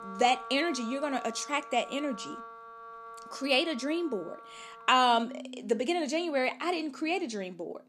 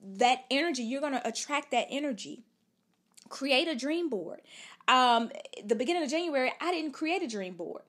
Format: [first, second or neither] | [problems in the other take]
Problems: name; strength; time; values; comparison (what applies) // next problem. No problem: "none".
second | background music; noticeable; throughout; 15 dB below the speech